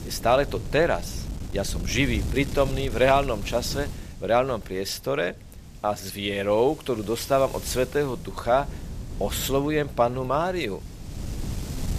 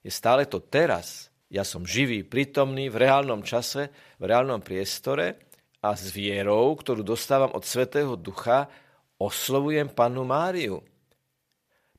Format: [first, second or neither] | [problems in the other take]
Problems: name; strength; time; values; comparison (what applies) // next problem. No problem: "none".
second | wind noise on the microphone; occasional gusts; 20 dB below the speech